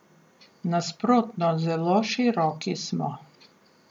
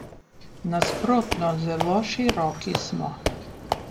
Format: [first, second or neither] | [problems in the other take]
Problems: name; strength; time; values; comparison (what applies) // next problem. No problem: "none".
first | background sound (Squeak / Walk, footsteps); 4 dB below the speech